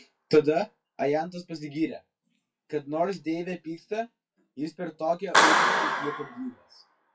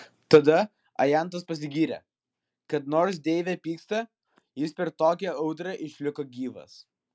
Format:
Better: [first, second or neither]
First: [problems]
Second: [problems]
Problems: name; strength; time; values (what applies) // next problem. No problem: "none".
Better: second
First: noise reduction (classical method WPE with log-MMSE)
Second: none